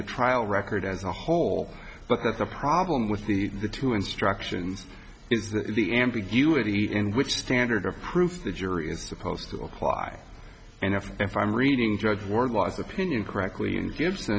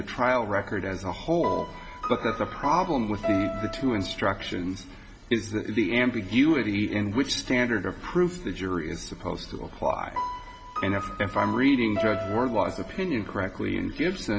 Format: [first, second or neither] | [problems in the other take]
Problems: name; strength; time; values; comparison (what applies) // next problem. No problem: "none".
first | background sound (Piano); 8 dB below the speech // room echo; dies away in 2.2 s